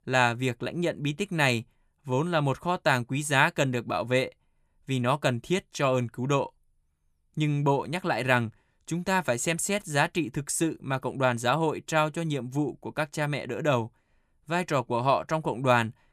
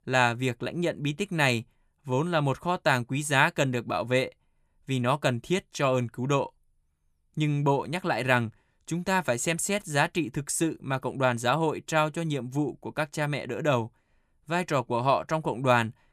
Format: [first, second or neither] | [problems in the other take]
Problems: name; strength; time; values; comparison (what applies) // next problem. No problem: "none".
neither | none